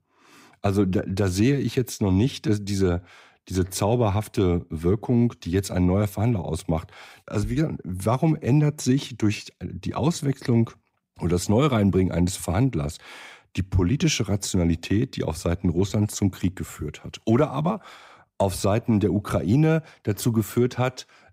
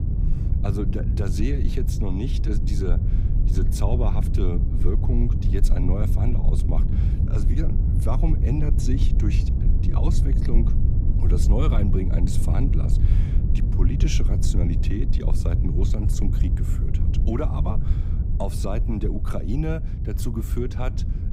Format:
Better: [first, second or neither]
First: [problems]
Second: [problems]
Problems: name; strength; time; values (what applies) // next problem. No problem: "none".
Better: first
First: none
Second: low rumble; loud; throughout; 4 dB below the speech